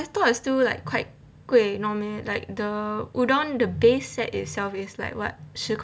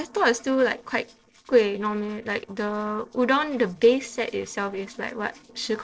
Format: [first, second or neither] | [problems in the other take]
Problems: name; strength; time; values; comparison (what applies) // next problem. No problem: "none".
first | noise reduction (neural separator model SepFormer DNS4)